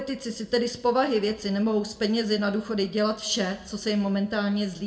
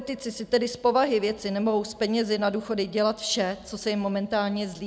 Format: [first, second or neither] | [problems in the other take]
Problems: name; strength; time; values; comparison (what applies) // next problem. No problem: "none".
second | room echo; dies away in 0.6 s